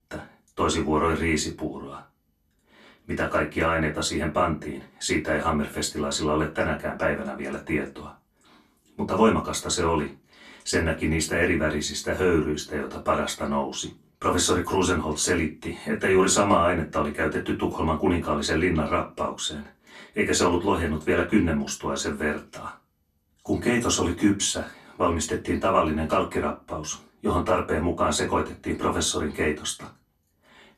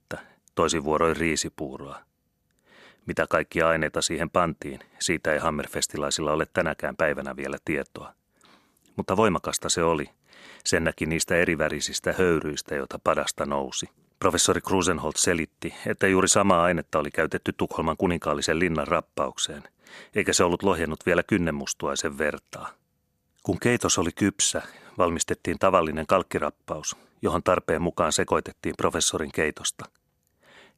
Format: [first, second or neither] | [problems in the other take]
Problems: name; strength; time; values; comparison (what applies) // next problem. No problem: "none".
second | off-mic speech; far // room echo; very slight; dies away in 0.2 s